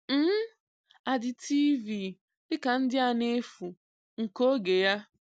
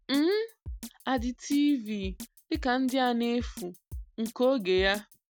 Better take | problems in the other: first | background sound (Drum kit); 14 dB below the speech

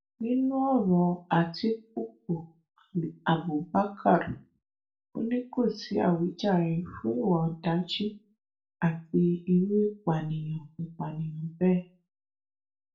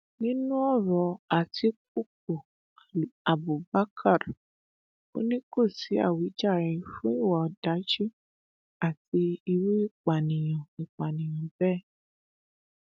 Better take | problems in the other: second | room echo; dies away in 0.3 s

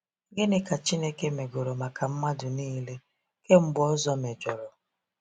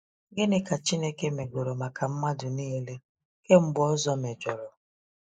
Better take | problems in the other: first | noise reduction (neural mask model Resemble Enhance denoiser)

